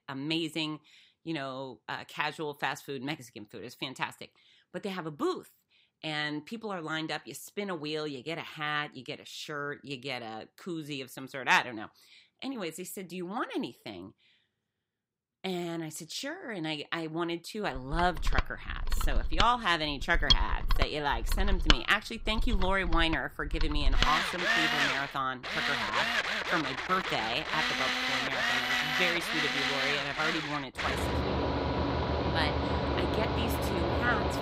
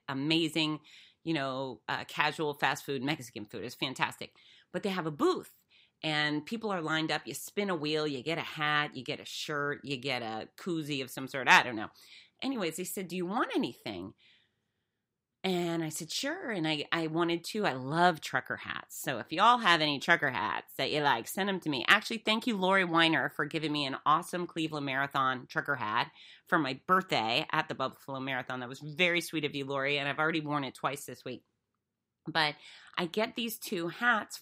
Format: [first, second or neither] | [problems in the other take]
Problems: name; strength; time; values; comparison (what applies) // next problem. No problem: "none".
second | machinery noise; very loud; from 18 s on; 3 dB above the speech